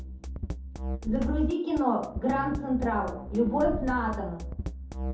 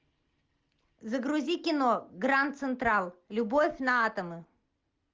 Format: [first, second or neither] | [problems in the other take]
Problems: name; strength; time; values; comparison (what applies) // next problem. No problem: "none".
second | background sound (Drum kit); 5 dB below the speech // room echo; dies away in 0.5 s